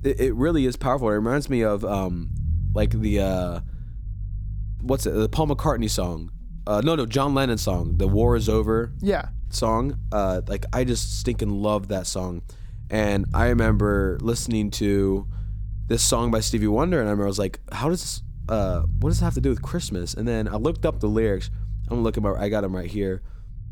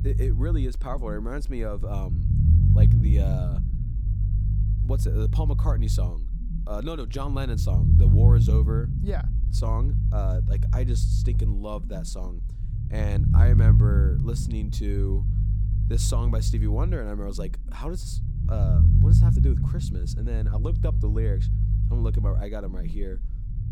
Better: first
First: low rumble; faint; throughout; 20 dB below the speech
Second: low rumble; loud; throughout; 1 dB below the speech

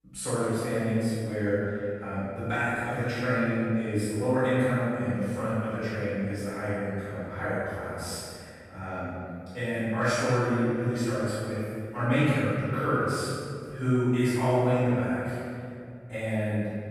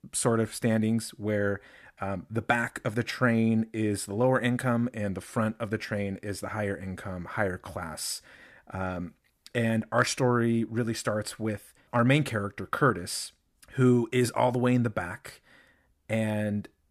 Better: second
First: room echo; strong; dies away in 2.2 s // off-mic speech; far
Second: none

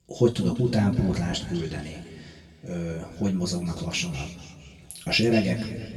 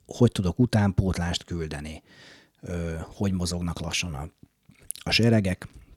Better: second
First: room echo; noticeable; dies away in 1.9 s // off-mic speech; far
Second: none

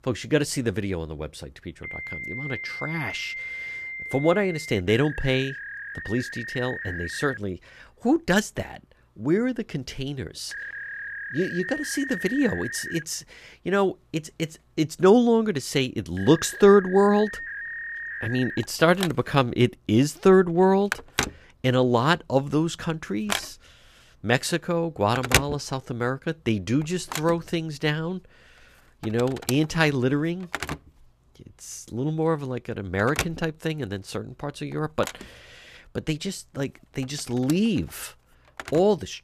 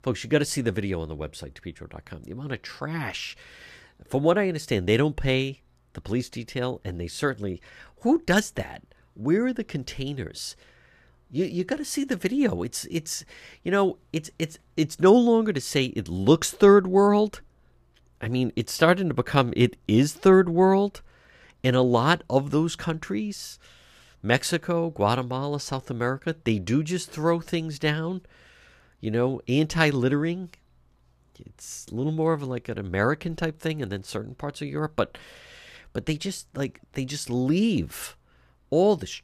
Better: second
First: alarms or sirens; loud; throughout; 8 dB below the speech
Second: none

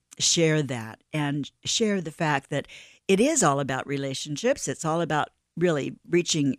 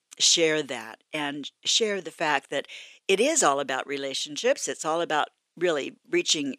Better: first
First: none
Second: thin; somewhat; fading below 400 Hz

